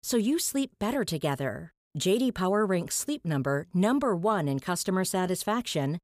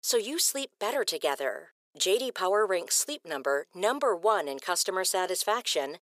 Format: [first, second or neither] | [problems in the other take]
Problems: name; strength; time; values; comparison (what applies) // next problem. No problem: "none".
first | thin; very; fading below 450 Hz